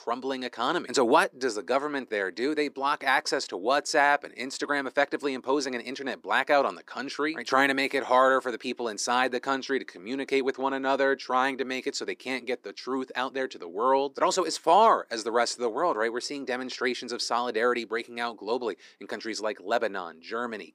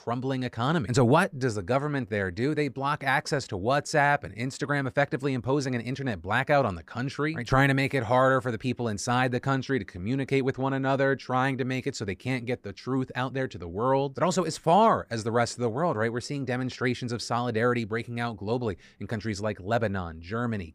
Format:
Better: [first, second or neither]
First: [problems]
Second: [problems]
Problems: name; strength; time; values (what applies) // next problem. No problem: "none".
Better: second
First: thin; somewhat; fading below 300 Hz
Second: none